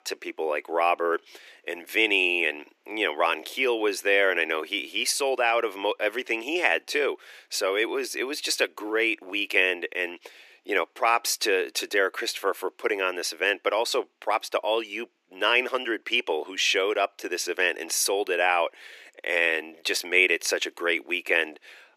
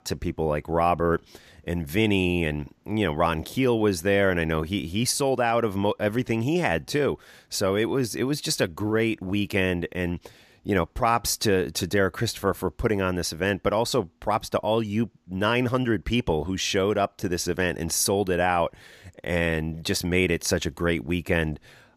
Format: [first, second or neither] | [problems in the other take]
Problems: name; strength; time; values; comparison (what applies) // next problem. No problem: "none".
second | thin; very; fading below 350 Hz